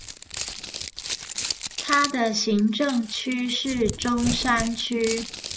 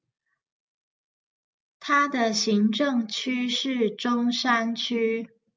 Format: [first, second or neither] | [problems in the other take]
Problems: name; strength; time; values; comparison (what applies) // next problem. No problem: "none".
second | background sound (Crumpling, crinkling); 8 dB below the speech